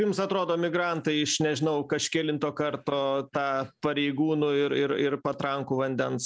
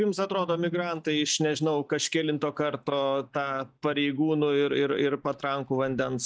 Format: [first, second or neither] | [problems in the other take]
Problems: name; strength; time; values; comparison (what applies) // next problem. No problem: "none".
first | noise reduction (neural mask model DeepFilterNet 3)